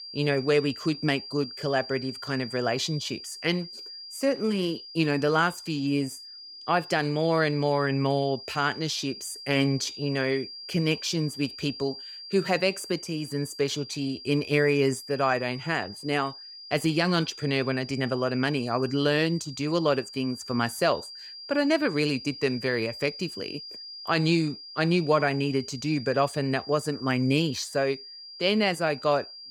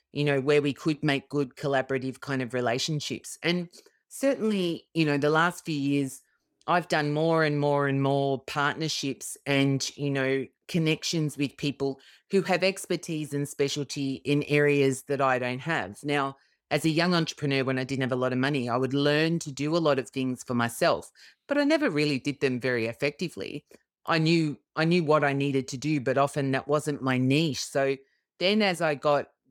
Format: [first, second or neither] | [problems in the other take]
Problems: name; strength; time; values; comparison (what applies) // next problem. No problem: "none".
second | high-pitched whine; noticeable; throughout; 5 kHz, 15 dB below the speech